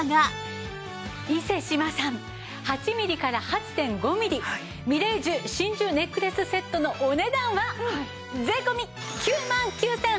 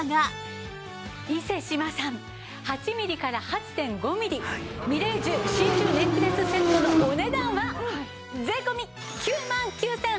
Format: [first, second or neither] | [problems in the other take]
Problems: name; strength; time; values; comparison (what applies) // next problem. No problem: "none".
first | background sound (Motorcycle / Engine); 3 dB above the speech